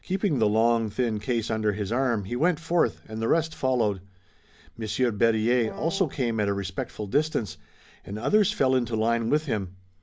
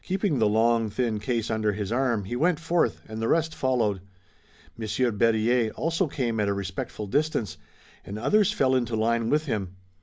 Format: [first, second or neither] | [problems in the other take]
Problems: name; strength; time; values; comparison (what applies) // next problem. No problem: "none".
second | background sound (Wind instrument, woodwind instrument); 15 dB below the speech